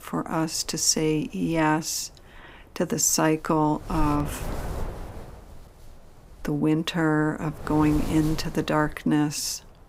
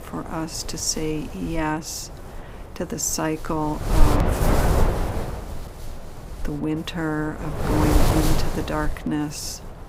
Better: first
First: wind noise on the microphone; occasional gusts; 15 dB below the speech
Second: wind noise on the microphone; heavy; 1 dB above the speech

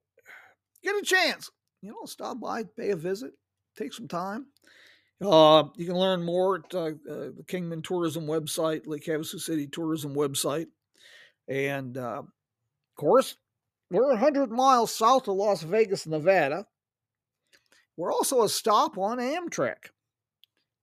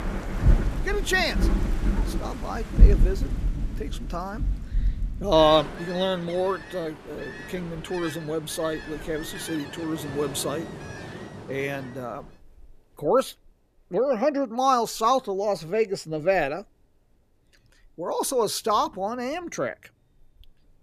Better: first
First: none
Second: rain or running water; loud; throughout; 4 dB below the speech

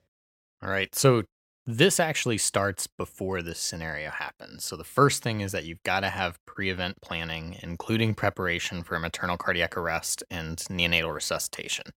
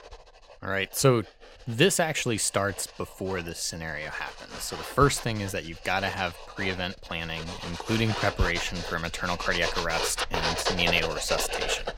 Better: first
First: none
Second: household noises; loud; throughout; 5 dB below the speech

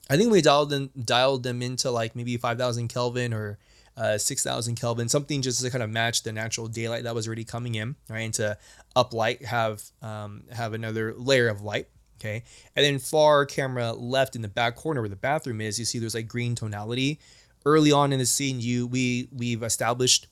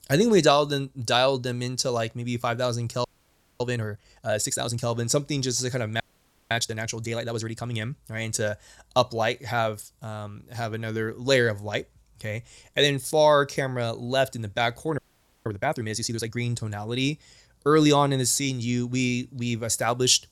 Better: first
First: none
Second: audio freezing; at 3 s for 0.5 s, at 6 s for 0.5 s and at 15 s

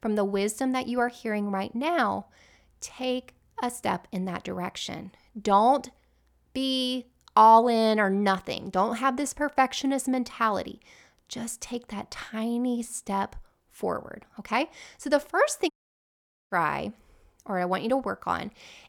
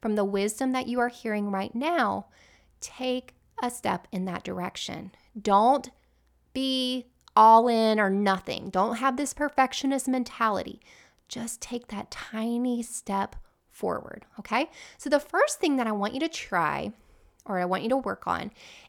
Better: second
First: audio cutting out; at 16 s for 1 s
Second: none

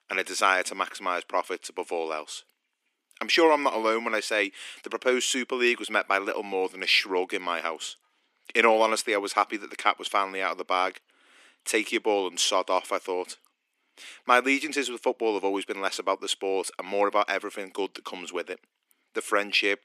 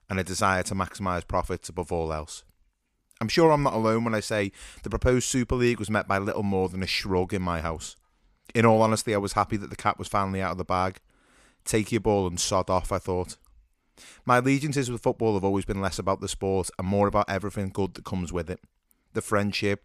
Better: second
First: thin; somewhat; fading below 300 Hz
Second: none

